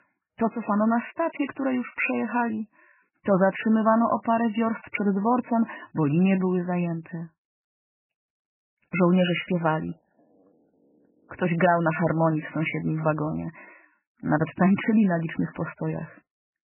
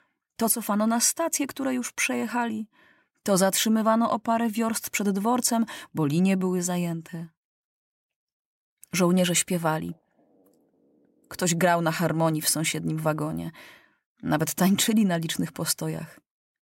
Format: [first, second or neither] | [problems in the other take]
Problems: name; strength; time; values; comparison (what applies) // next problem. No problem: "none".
second | garbled, watery; badly; nothing above 3 kHz